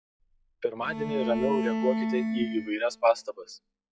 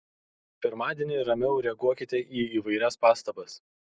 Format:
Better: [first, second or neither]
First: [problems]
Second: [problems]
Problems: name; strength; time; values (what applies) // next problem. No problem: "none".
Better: second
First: noise reduction (classical method log-MMSE)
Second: none